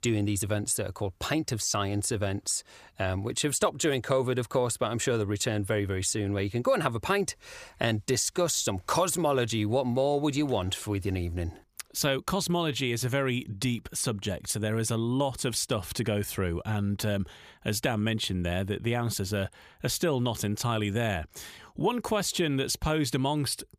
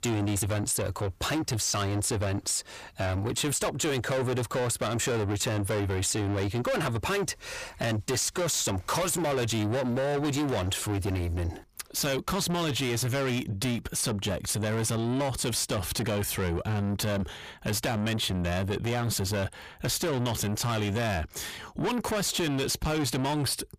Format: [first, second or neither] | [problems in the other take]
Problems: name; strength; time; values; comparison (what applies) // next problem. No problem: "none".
first | distortion; heavy; 7 dB below the speech